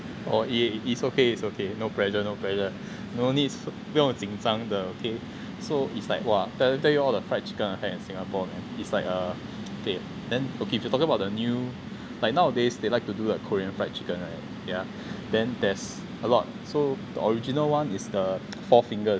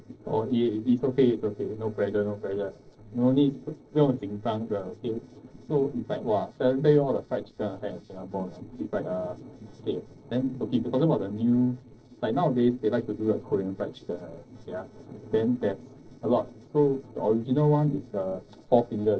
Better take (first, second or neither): first